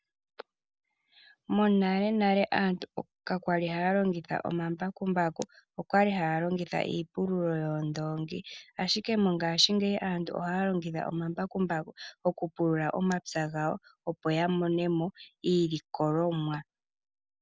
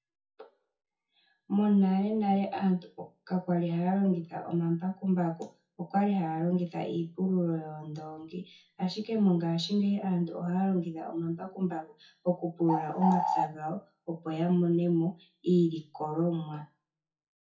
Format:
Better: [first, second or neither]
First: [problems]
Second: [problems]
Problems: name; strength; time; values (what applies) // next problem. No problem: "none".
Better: first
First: none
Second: noise reduction (classical method WPE with log-MMSE)